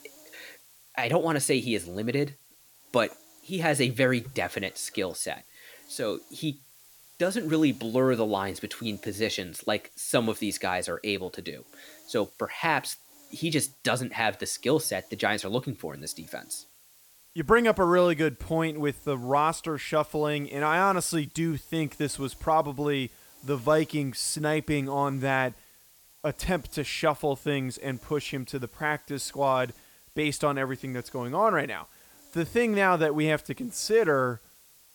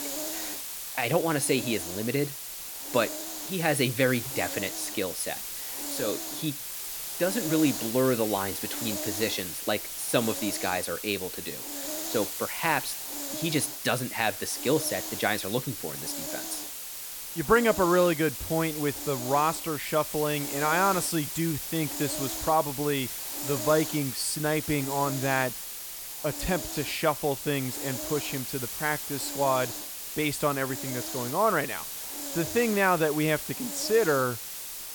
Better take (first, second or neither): first